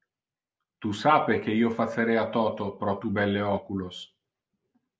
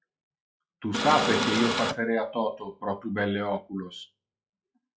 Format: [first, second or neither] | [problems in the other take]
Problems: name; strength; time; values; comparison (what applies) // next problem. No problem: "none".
first | noise reduction (classical method log-MMSE)